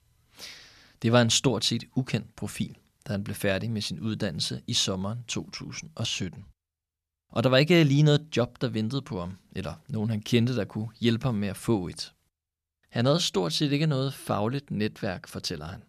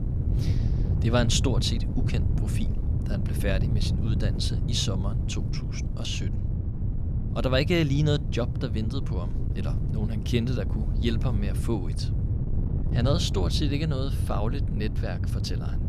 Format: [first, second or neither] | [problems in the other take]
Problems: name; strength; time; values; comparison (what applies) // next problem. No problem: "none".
first | wind noise on the microphone; heavy; 9 dB below the speech